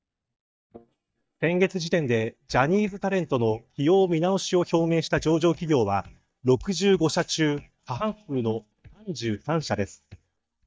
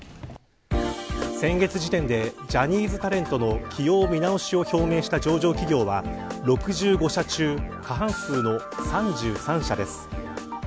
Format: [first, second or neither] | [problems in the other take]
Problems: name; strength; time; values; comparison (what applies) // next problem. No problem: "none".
second | noise reduction (neural mask model DeepFilterNet 3)